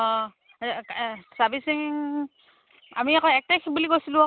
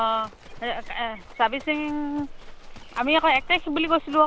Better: first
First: none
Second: background sound (Livestock, farm animals, working animals); 14 dB below the speech

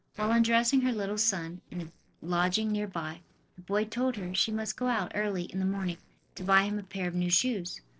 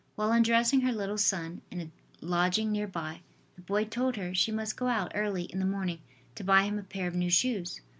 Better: second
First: noise reduction (neural separator model SepFormer DNS4)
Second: none

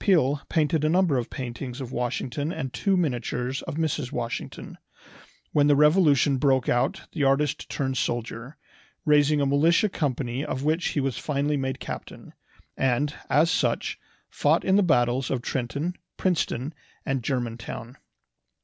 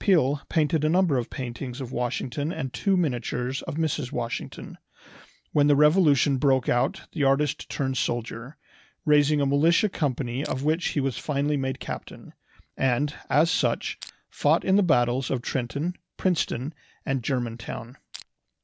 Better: first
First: none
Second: background sound (Crushing); 19 dB below the speech

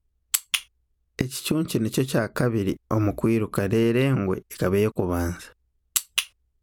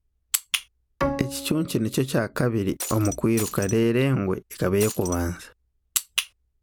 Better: first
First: none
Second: background sound (Bowed string instrument + Shatter); 8 dB below the speech

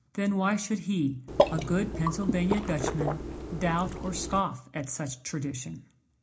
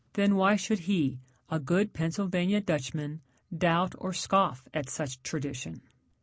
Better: second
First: background sound (Water / Liquid); as loud as the speech // room echo; dies away in 0.4 s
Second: none

